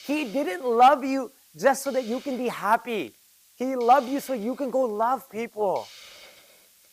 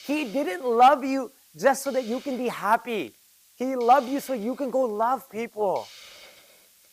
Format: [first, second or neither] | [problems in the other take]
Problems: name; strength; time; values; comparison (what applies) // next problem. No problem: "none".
neither | hiss; faint; throughout; 25 dB below the speech; the same in both